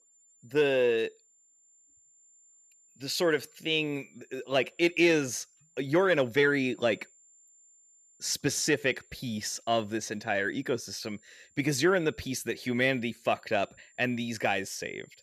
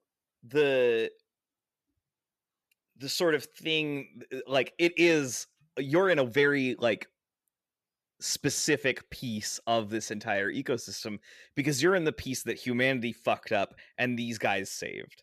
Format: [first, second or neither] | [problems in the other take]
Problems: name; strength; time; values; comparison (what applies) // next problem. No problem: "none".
second | high-pitched whine; faint; throughout; 7 kHz, 30 dB below the speech